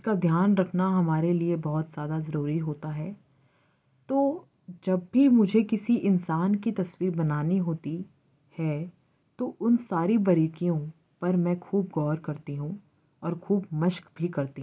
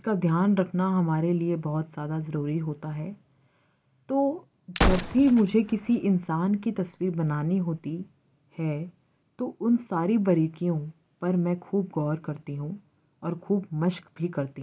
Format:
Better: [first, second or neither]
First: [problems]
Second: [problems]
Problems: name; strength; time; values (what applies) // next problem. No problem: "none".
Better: first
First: none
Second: background sound (Gunshot, gunfire); 5 dB below the speech